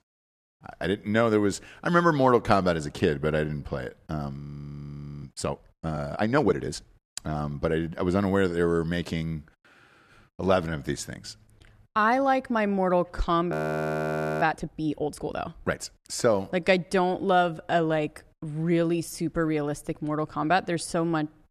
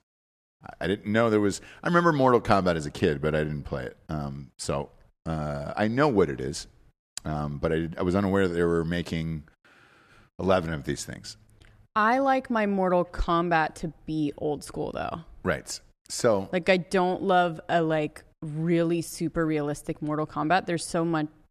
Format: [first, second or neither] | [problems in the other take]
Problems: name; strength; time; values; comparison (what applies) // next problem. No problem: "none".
second | audio freezing; at 4.5 s for 1 s and at 14 s for 1 s